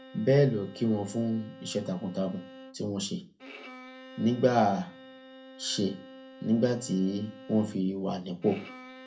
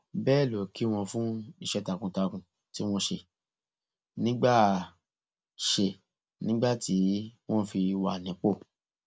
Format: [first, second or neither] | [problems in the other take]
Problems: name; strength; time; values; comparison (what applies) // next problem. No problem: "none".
second | background sound (Bowed string instrument); 19 dB below the speech // room echo; dies away in 0.3 s